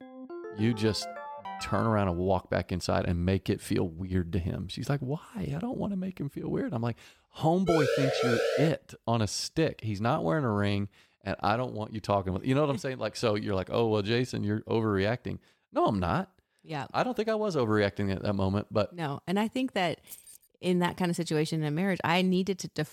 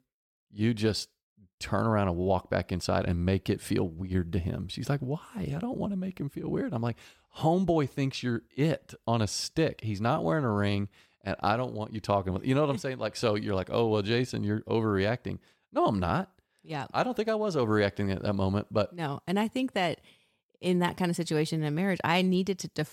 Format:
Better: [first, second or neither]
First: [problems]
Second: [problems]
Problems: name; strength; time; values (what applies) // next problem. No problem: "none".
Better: second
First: phone ringing; noticeable; until 2 s; peak 10 dB below the speech // siren; loud; from 7.5 to 8.5 s; peak 2 dB above the speech // jangling keys; faint; at 20 s; peak 15 dB below the speech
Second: none